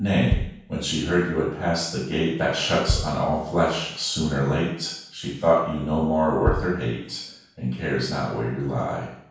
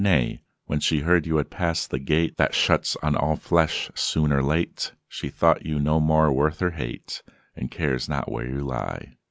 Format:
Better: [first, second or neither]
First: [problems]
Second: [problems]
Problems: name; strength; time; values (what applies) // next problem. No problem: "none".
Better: second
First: background sound (Bass drum); 8 dB below the speech // room echo; dies away in 0.7 s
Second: none